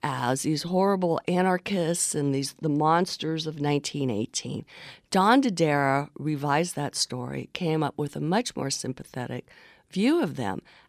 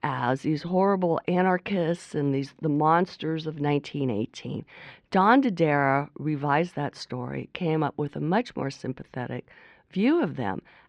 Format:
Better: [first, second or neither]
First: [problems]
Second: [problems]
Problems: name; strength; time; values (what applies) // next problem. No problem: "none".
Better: first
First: none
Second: muffled; slightly; fading above 2 kHz